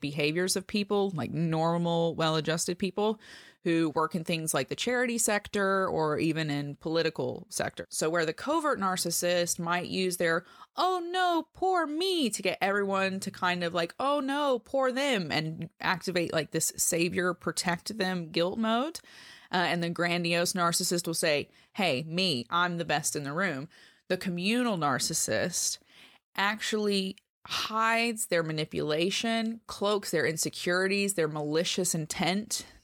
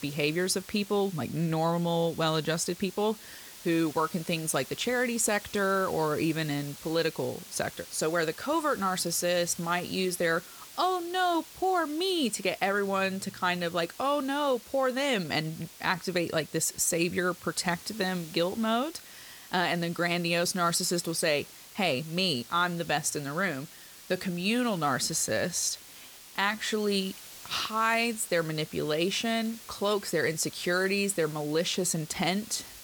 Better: first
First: none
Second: hiss; noticeable; throughout; 15 dB below the speech

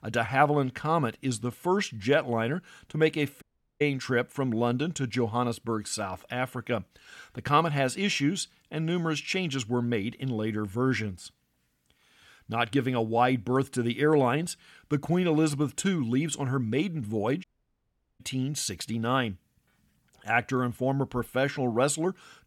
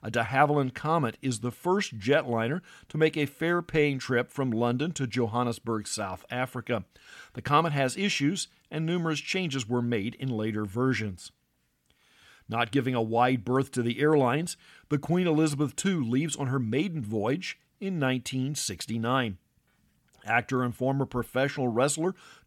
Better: second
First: audio cutting out; at 3.5 s and at 17 s for 1 s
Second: none

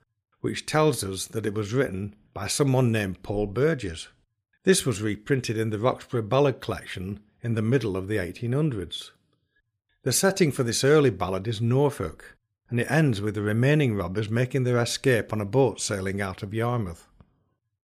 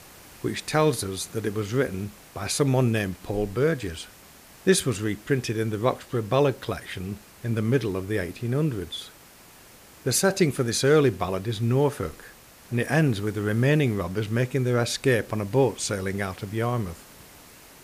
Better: first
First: none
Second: hiss; faint; throughout; 20 dB below the speech

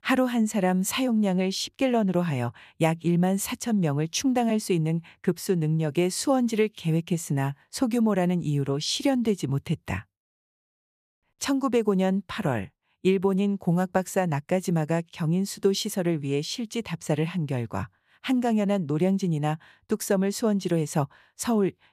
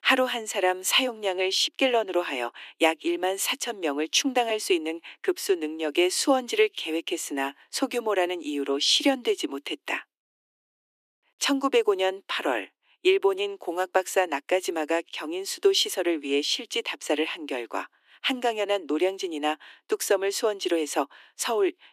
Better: first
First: none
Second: thin; somewhat; fading below 300 Hz

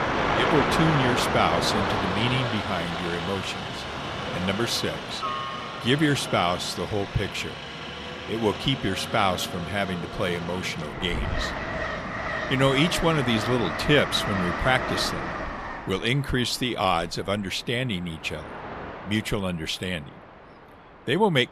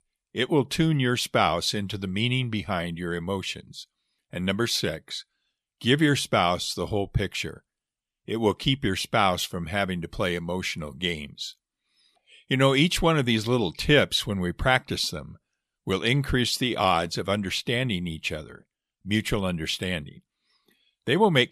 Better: second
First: train or aircraft noise; loud; throughout; 3 dB below the speech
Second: none

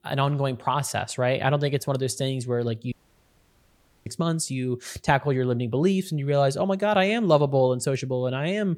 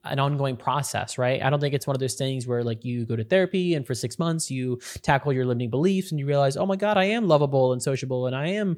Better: second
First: audio cutting out; at 3 s for 1 s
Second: none

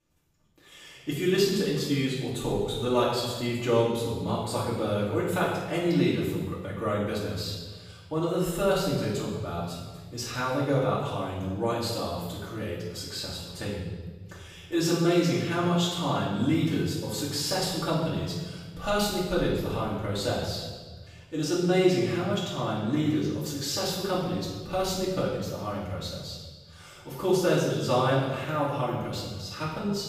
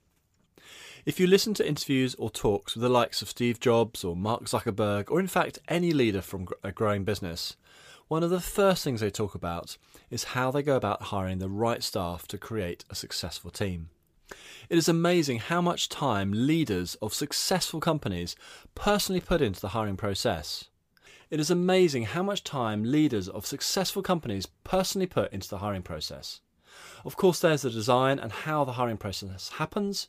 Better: second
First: off-mic speech; far // room echo; strong; dies away in 1.3 s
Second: none

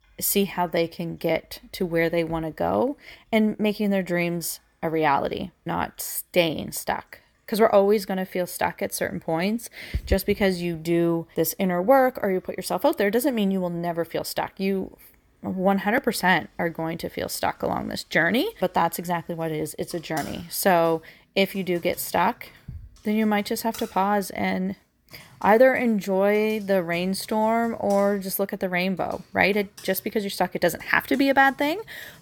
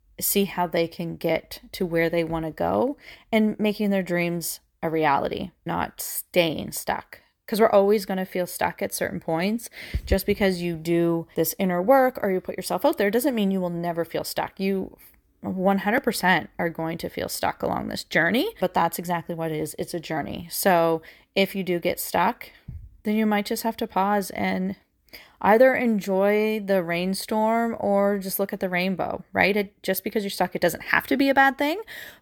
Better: second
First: household noises; faint; throughout; 25 dB below the speech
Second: none

